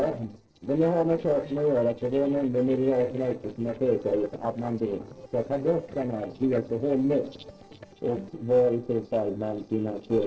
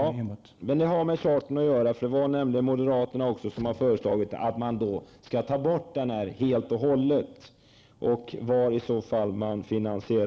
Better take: second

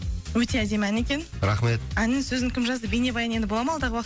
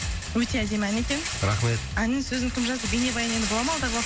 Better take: first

